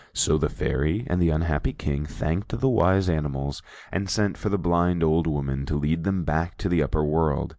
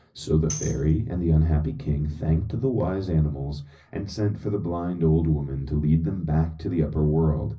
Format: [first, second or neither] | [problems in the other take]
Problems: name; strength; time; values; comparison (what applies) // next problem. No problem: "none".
first | background sound (Tambourine); 16 dB below the speech // room echo; dies away in 0.4 s